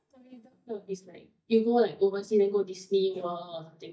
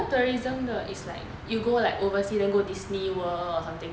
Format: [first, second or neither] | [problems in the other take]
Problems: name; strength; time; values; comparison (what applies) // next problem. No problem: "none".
second | noise reduction (neural mask model DeepFilterNet 3)